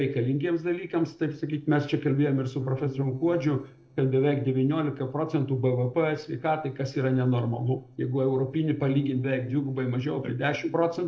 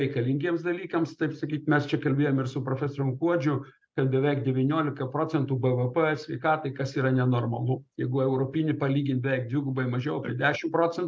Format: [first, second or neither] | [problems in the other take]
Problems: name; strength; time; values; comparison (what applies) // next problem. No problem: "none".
second | noise reduction (neural separator model SepFormer DNS4)